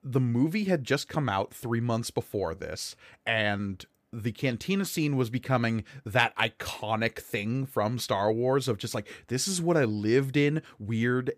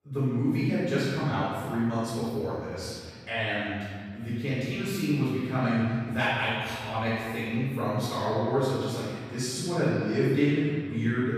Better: first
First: none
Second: off-mic speech; far // room echo; strong; dies away in 1.7 s

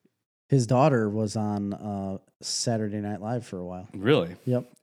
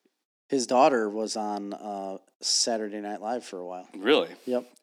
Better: first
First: none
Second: thin; somewhat; fading below 250 Hz

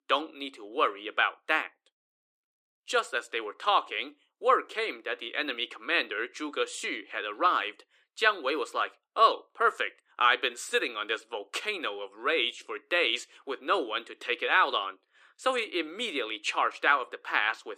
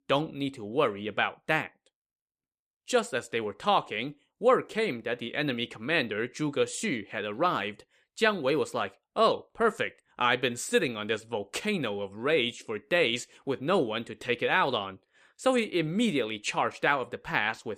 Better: second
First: thin; somewhat; fading below 300 Hz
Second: none

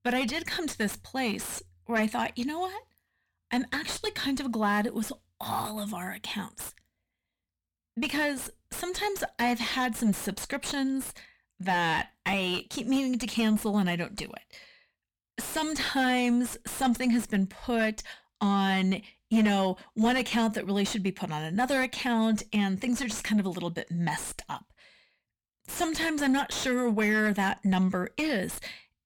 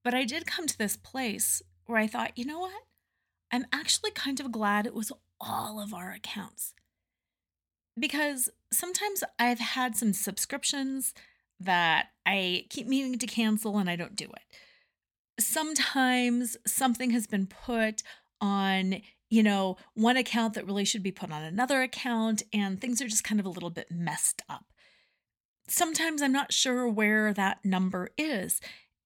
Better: second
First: distortion; heavy; 6 dB below the speech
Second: none

